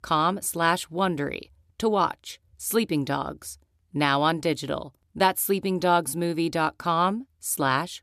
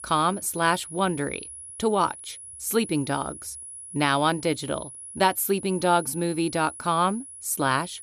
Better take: first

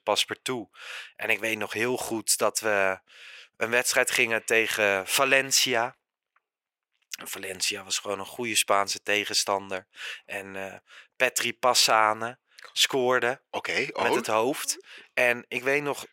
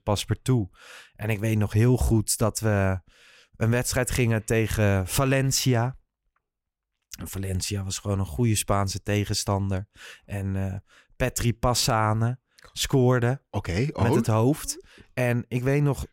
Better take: second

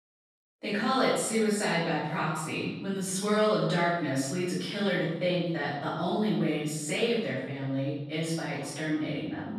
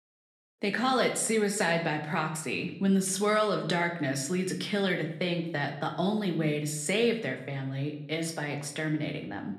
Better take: second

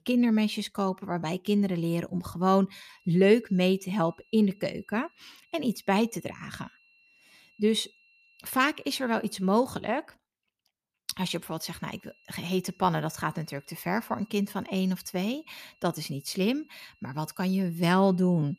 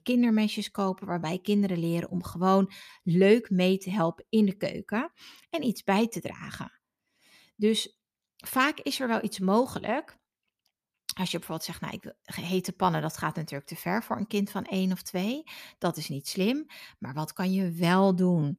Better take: second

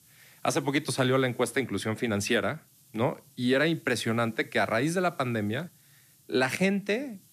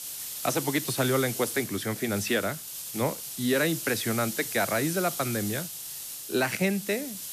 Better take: first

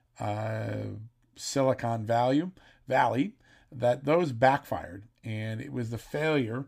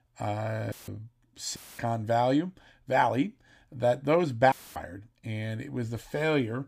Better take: first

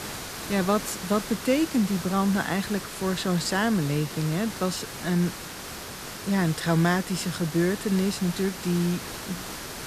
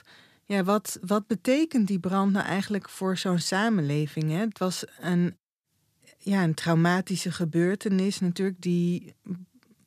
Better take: second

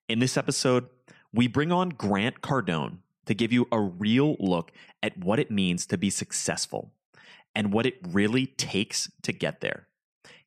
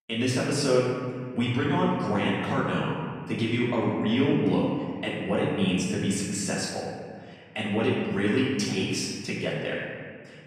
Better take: first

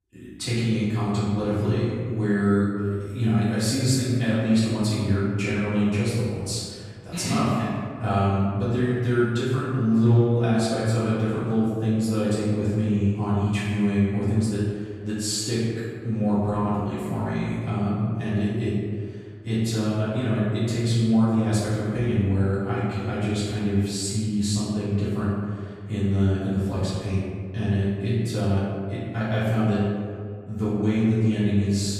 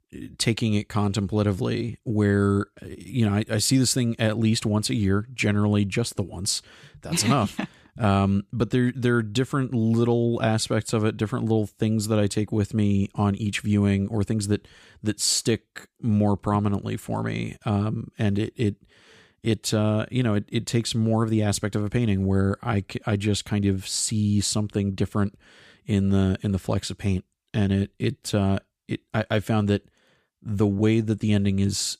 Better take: second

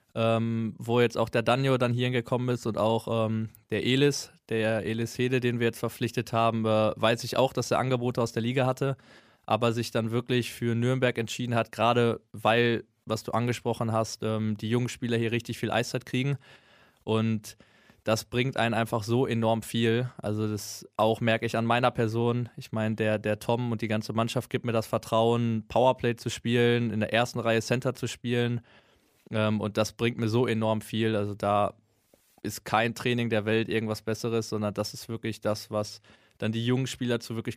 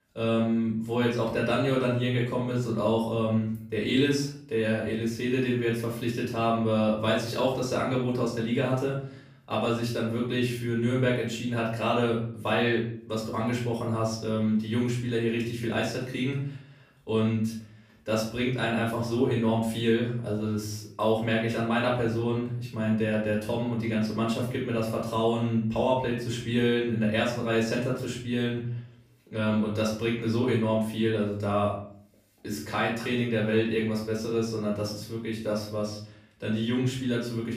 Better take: first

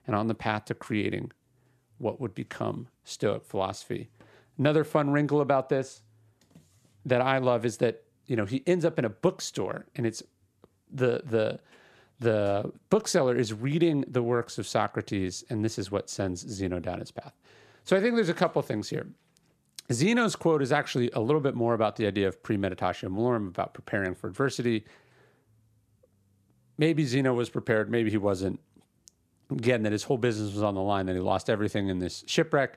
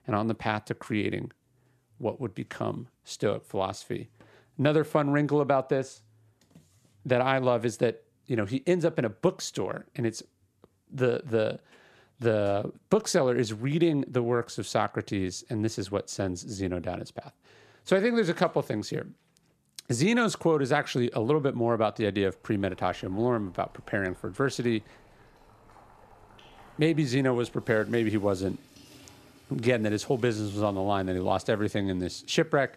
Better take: first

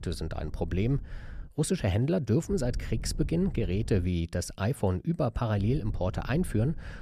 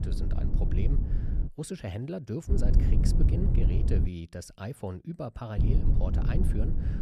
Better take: first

